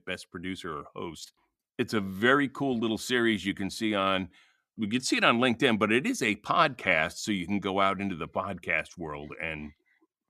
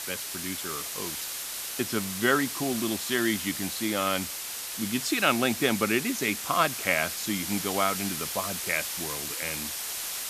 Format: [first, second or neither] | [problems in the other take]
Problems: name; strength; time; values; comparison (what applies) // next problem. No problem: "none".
first | hiss; loud; throughout; 4 dB below the speech